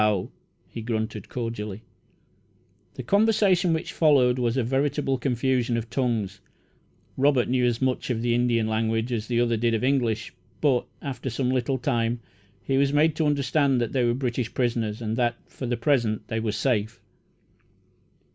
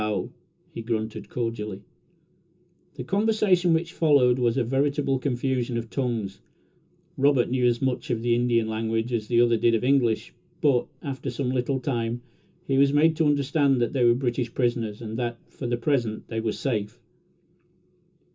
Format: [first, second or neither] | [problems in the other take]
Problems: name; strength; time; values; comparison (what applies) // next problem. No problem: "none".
first | room echo; dies away in 0.2 s